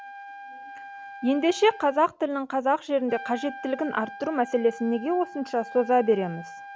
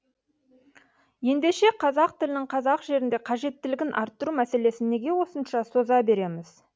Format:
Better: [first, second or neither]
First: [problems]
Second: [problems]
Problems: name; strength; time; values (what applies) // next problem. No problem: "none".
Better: second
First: background sound (Trumpet); 15 dB below the speech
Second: none